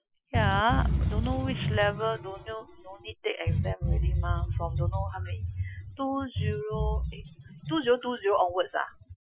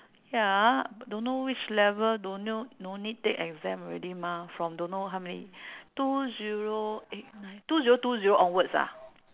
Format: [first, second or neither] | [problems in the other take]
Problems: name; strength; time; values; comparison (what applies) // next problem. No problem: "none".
second | noise reduction (classical method Wiener filter)